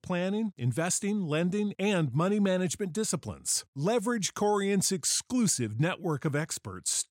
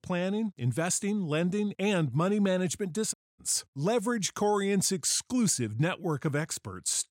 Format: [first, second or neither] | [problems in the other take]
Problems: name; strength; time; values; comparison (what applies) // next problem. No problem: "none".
first | audio cutting out; at 3 s